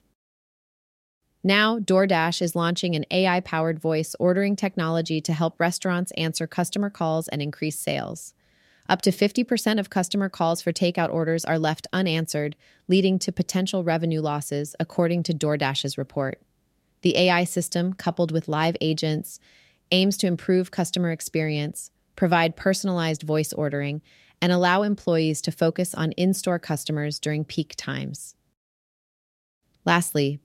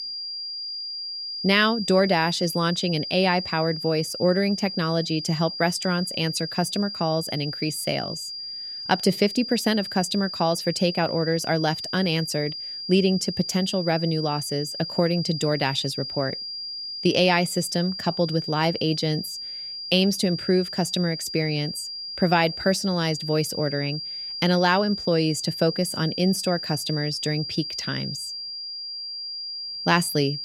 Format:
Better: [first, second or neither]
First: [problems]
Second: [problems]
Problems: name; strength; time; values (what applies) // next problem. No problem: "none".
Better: first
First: none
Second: high-pitched whine; loud; throughout; 5 kHz, 7 dB below the speech